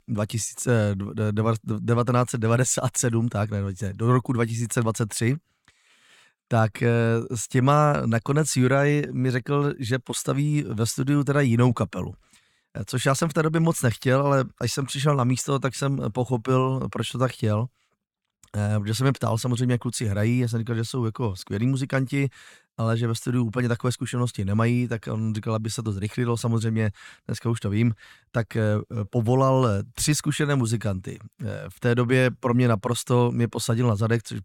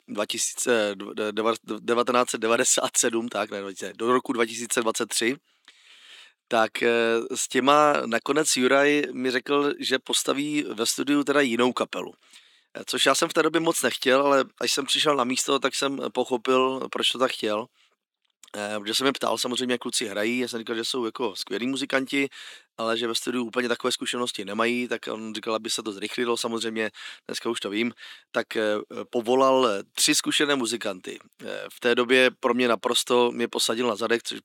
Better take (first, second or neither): first